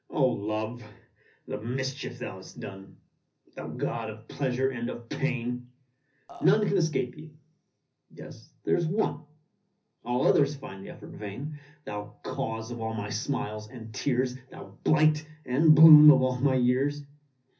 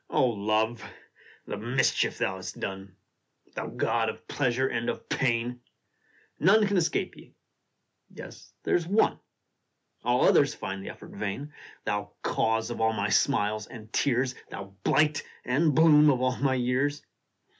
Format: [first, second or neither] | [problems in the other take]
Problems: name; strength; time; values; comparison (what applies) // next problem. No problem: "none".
second | background sound (Burping, eructation); 17 dB below the speech // room echo; dies away in 0.4 s